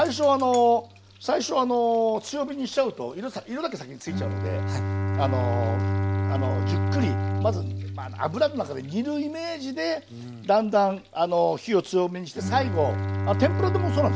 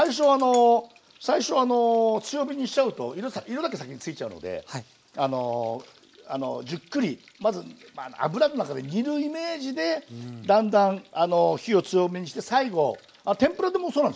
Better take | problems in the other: second | background sound (Bowed string instrument); 3 dB below the speech

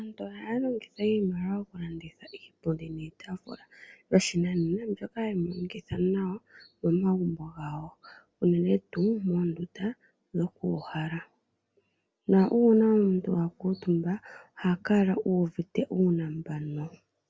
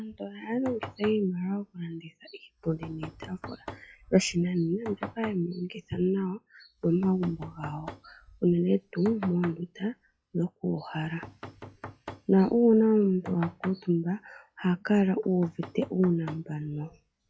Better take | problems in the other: first | noise reduction (classical method log-MMSE)

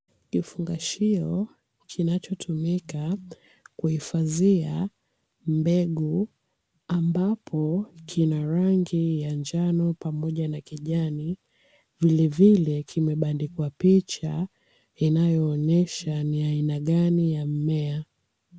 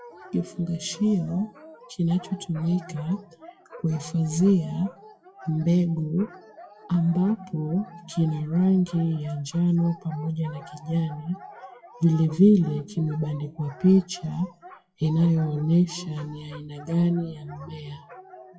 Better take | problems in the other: first | noise reduction (classical method WPE with log-MMSE)

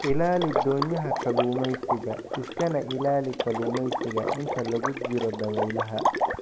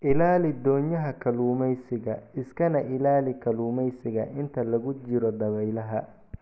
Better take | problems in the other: second | background sound (Water / Liquid); 2 dB below the speech

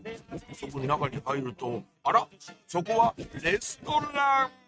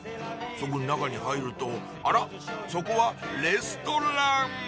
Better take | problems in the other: second | noise reduction (neural mask model RNNoise)

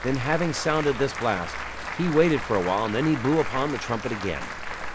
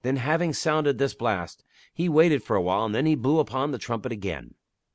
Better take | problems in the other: second | background sound (Applause / Crowd); 7 dB below the speech

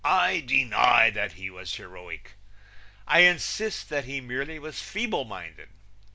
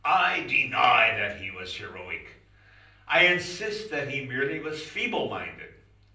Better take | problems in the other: first | room echo; dies away in 0.6 s

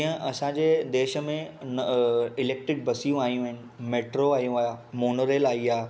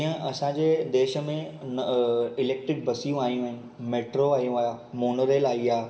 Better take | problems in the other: first | room echo; dies away in 1.4 s

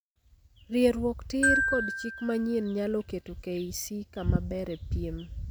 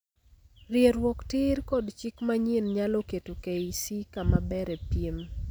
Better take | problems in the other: second | background sound (Glockenspiel); 2 dB below the speech

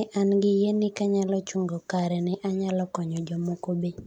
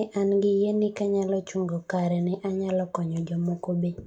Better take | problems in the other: first | room echo; dies away in 0.2 s

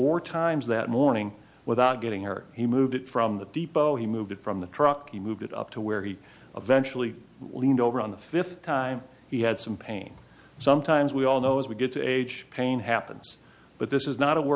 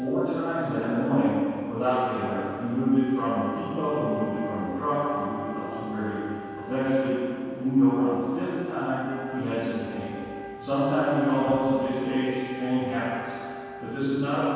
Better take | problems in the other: first | background sound (Wind instrument, woodwind instrument); 14 dB below the speech // room echo; dies away in 2.1 s

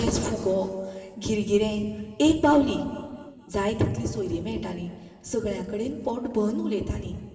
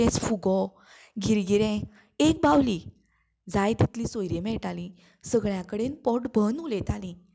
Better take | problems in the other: second | room echo; dies away in 2 s

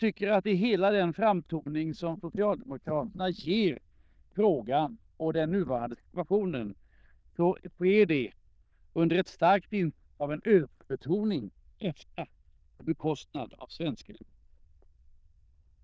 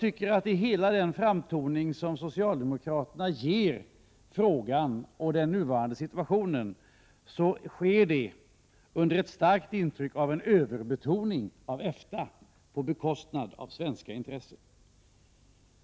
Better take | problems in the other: second | noise reduction (neural diffusion model UNIVERSE++)

